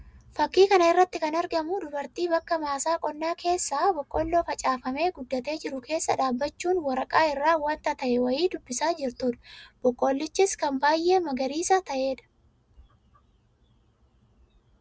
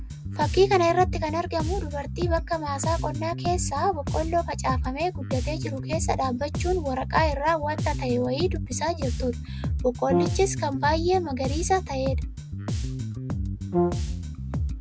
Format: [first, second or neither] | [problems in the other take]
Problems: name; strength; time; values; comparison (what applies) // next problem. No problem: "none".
first | background sound (Bass guitar + Brass instrument); 2 dB below the speech